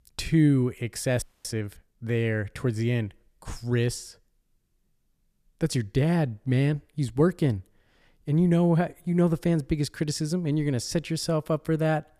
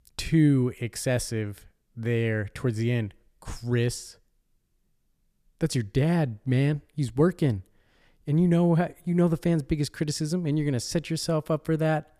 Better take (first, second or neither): second